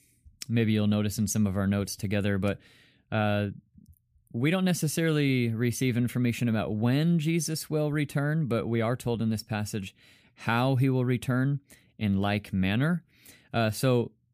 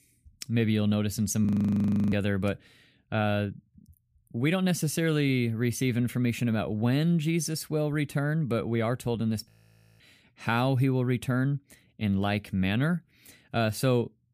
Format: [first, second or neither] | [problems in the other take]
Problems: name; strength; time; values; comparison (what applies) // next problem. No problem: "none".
first | audio freezing; at 1.5 s for 0.5 s and at 9.5 s for 0.5 s